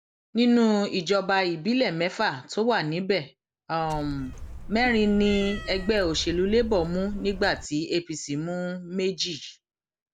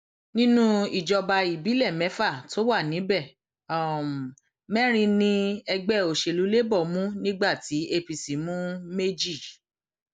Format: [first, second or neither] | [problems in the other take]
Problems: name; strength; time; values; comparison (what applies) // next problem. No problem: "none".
second | background sound (Cat); 11 dB below the speech